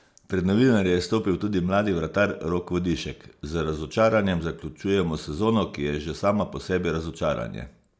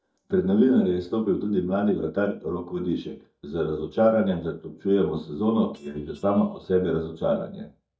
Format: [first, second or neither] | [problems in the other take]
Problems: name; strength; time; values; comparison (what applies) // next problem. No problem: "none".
first | noise reduction (neural mask model DeepFilterNet 3)